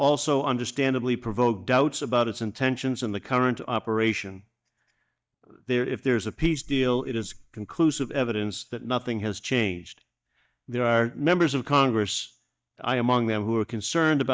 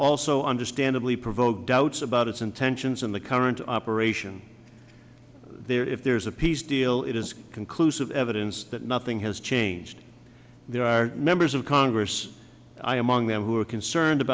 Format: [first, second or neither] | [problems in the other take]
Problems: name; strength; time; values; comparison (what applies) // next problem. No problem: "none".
second | noise reduction (neural mask model DeepFilterNet 3)